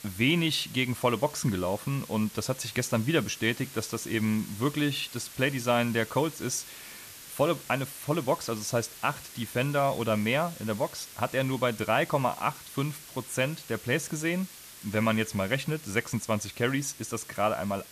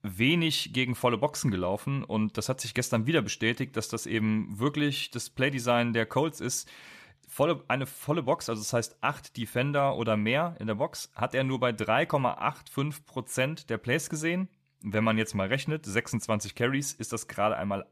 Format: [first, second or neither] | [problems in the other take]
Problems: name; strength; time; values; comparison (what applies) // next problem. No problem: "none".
second | hiss; noticeable; throughout; 15 dB below the speech